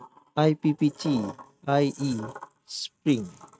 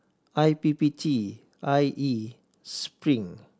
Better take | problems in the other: second | noise reduction (neural mask model RNNoise)

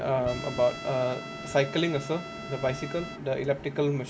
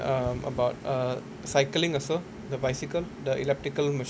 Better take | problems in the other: second | background sound (Trumpet); 13 dB below the speech // room echo; dies away in 0.2 s

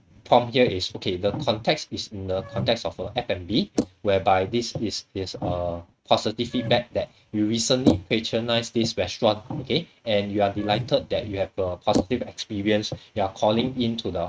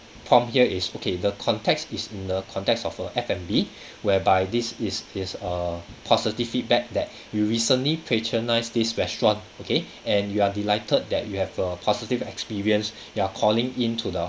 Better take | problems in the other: second | noise reduction (neural mask model RNNoise)

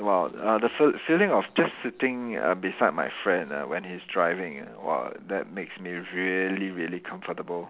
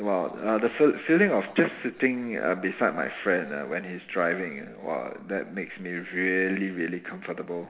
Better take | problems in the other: first | room echo; dies away in 1.2 s

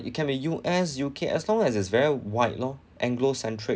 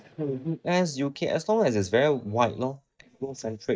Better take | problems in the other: first | noise reduction (neural mask model DeepFilterNet 3)

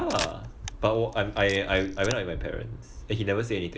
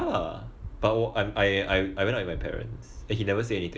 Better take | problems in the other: second | background sound (Camera); 11 dB below the speech

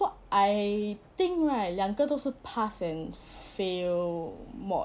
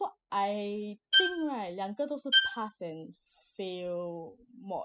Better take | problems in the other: first | noise reduction (classical method spectral subtraction)

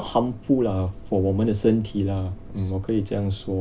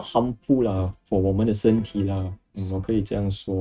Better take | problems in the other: first | noise reduction (neural mask model RNNoise)

